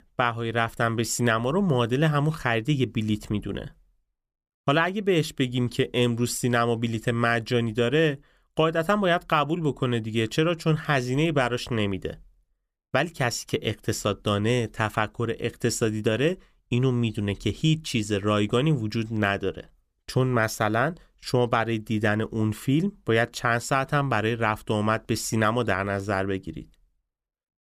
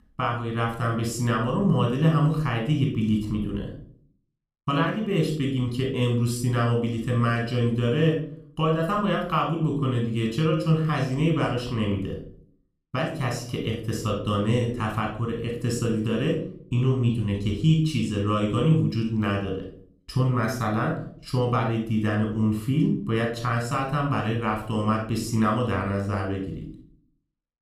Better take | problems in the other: first | off-mic speech; somewhat distant // room echo; noticeable; dies away in 0.5 s

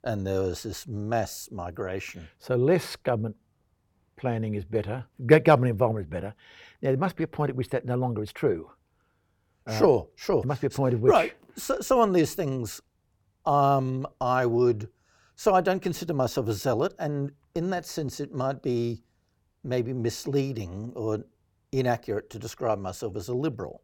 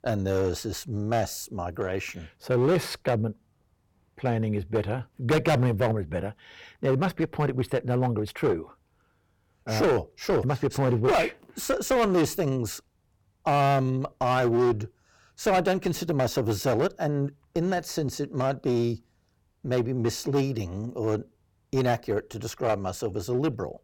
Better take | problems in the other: first | distortion; heavy; 8% of the sound clipped

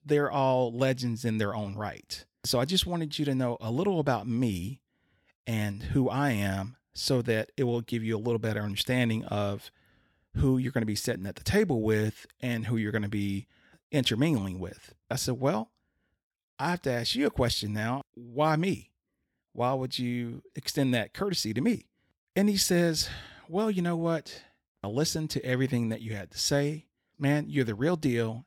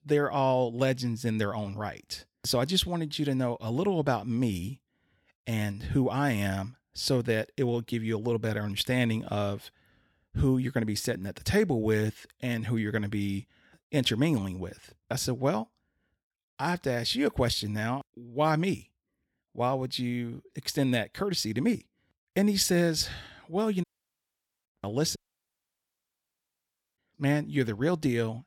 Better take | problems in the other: first | audio cutting out; at 24 s for 1 s and at 25 s for 2 s

